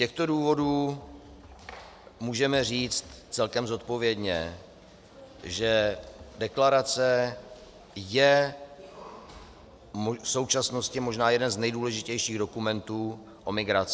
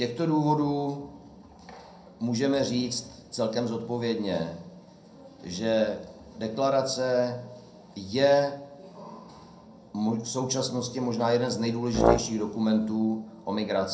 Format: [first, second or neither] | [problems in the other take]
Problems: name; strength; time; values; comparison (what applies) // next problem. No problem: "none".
first | background sound (Brass instrument); 2 dB above the speech // room echo; dies away in 0.5 s